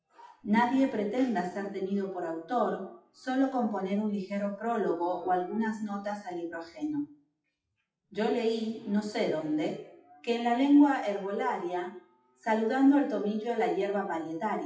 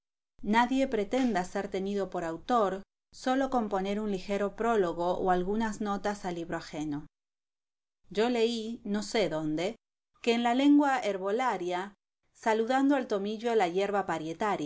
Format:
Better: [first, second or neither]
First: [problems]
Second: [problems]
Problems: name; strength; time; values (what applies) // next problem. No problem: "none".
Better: second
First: noise reduction (classical method WPE with log-MMSE)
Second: none